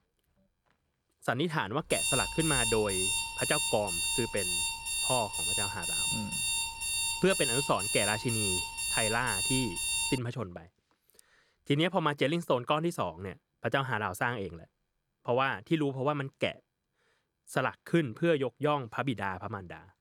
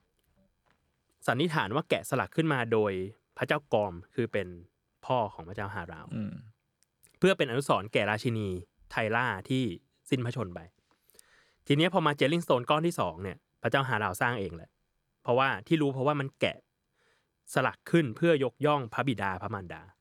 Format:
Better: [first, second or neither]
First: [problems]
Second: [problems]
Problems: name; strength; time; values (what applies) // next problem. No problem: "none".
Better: second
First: alarm; loud; from 2 to 10 s; peak 4 dB above the speech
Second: none